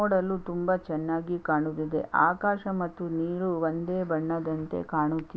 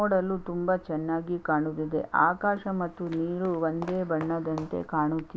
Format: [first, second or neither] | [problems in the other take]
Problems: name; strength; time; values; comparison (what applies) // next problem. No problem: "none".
first | background sound (Walk, footsteps); 18 dB below the speech